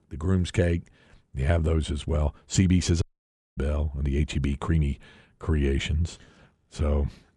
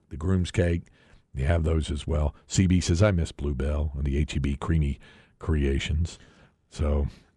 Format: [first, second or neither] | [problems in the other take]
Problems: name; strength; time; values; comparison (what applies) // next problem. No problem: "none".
second | audio cutting out; at 3 s for 0.5 s